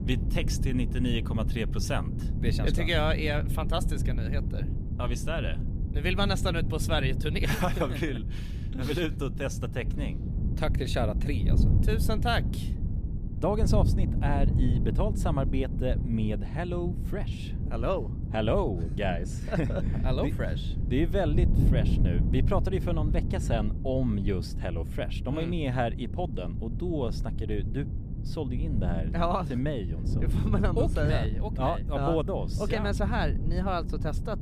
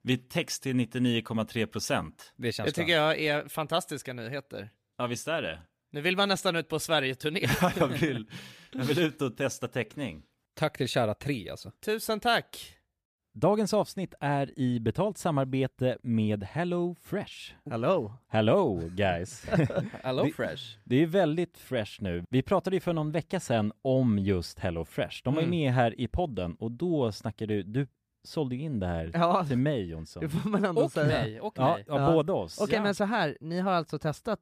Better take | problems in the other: second | wind noise on the microphone; occasional gusts; 10 dB below the speech

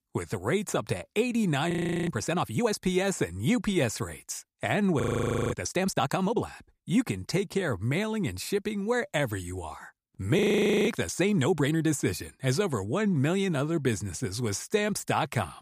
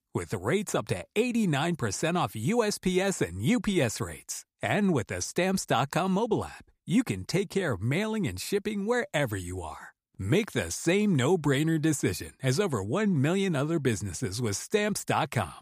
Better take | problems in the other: second | audio freezing; at 1.5 s, at 5 s for 0.5 s and at 10 s

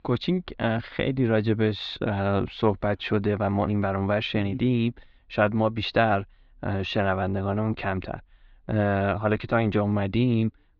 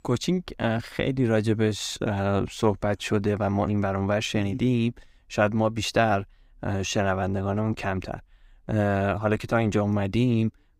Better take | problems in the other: second | muffled; slightly; fading above 4 kHz

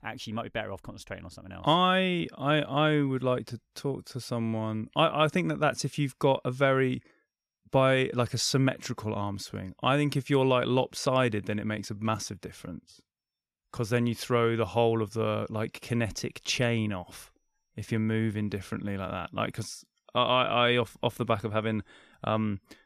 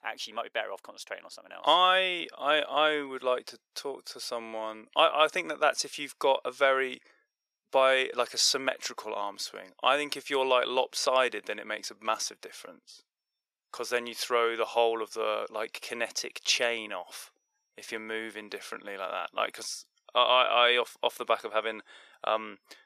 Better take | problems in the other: first | thin; very; fading below 500 Hz

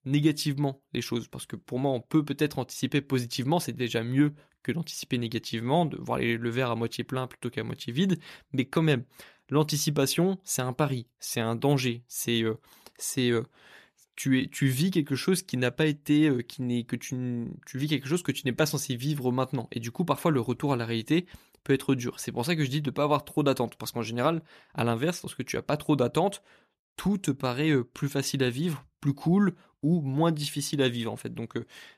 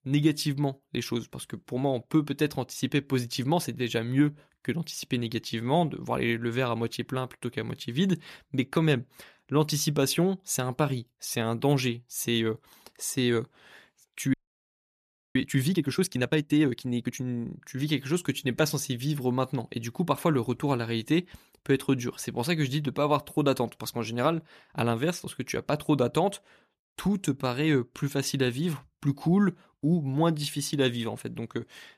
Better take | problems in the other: first | audio freezing; at 14 s for 1 s

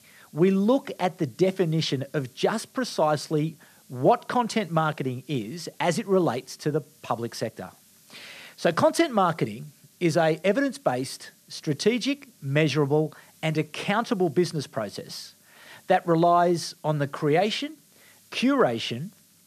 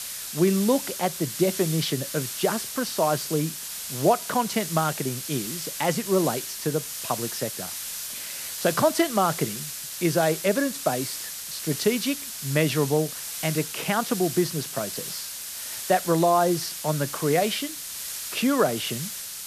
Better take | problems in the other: first | hiss; loud; throughout; 6 dB below the speech; faint in the first

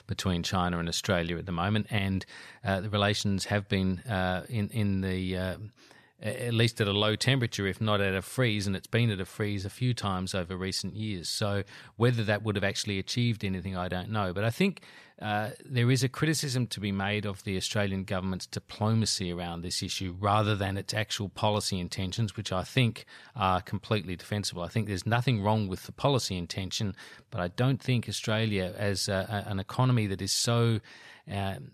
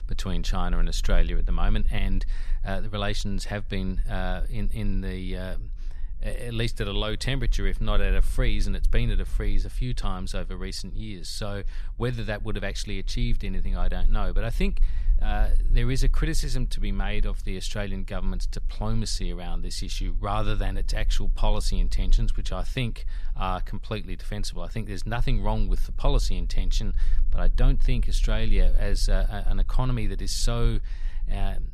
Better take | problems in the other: first | low rumble; faint; throughout; 25 dB below the speech

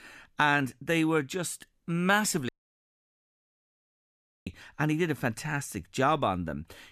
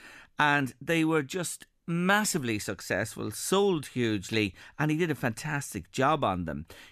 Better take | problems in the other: second | audio cutting out; at 2.5 s for 2 s

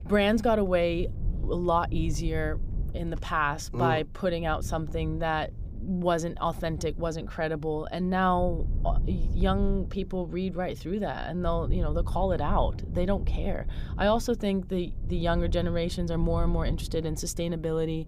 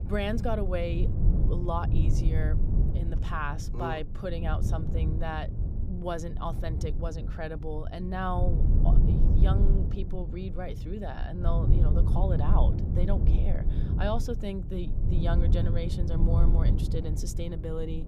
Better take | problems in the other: first | low rumble; loud; throughout; 6 dB below the speech; faint in the first

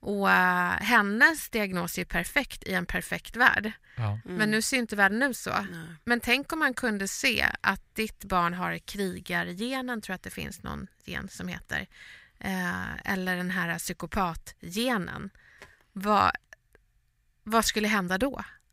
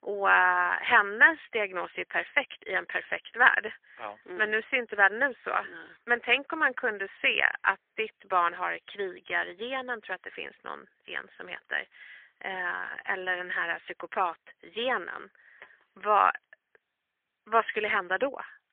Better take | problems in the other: first | phone-call audio; poor line; nothing above 3 kHz

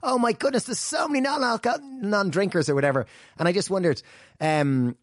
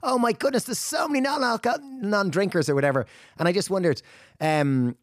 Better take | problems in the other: second | garbled, watery; slightly; nothing above 10.5 kHz

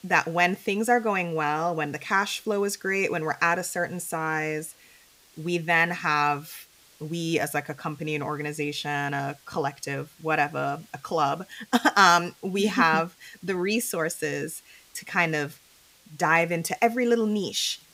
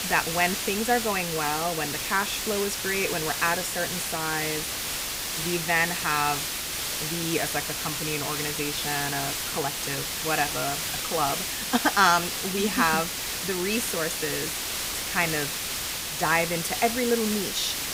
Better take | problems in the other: first | hiss; loud; throughout; 1 dB below the speech; faint in the first

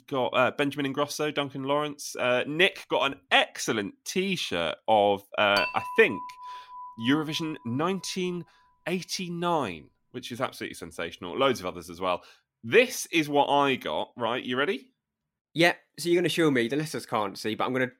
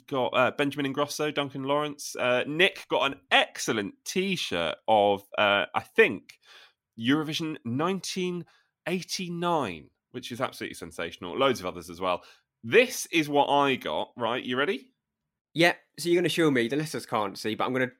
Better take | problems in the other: second | clattering dishes; noticeable; from 5.5 to 7.5 s; peak 4 dB below the speech

